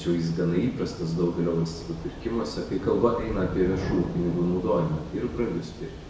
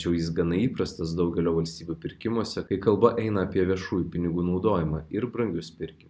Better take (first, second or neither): second